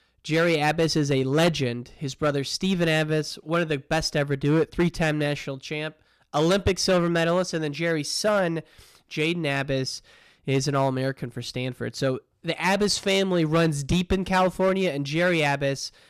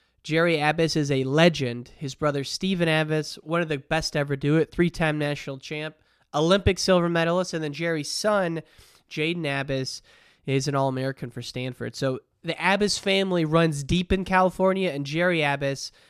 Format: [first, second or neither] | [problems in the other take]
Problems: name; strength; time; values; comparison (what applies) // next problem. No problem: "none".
second | distortion; slight; 5% of the sound clipped